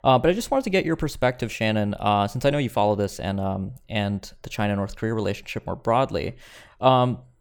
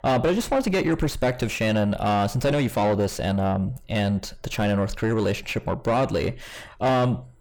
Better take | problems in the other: first | distortion; heavy; 5 dB below the speech

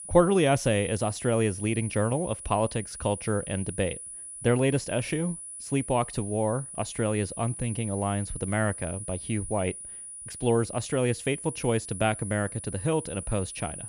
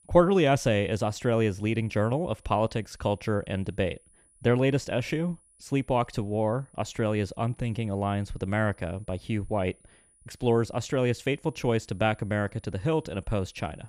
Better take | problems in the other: second | high-pitched whine; loud; throughout; 10 kHz, 9 dB below the speech; faint in the second

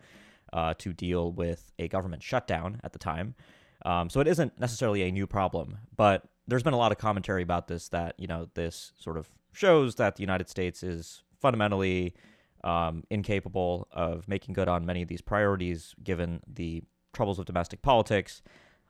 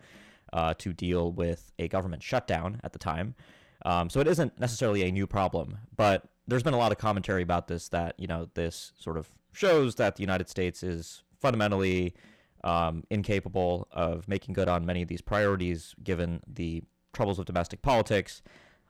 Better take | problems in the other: first | distortion; slight; 2% of the sound clipped

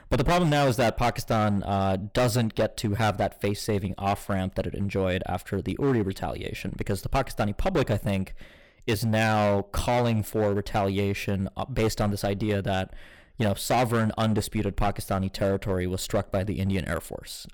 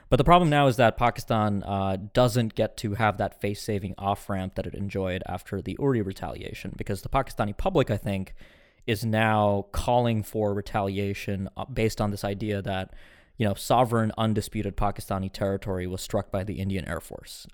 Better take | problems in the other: second | distortion; heavy; 10% of the sound clipped

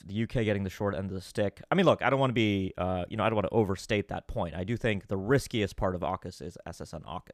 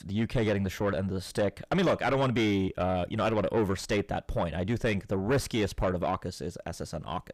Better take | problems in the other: first | distortion; heavy; 6 dB below the speech

